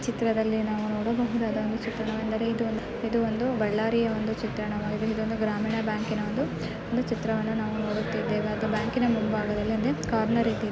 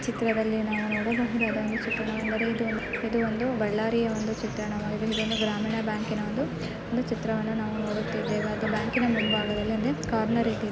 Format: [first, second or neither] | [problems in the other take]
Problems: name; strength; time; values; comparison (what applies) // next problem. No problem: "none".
first | background sound (Bird vocalization, bird call, bird song); 11 dB below the speech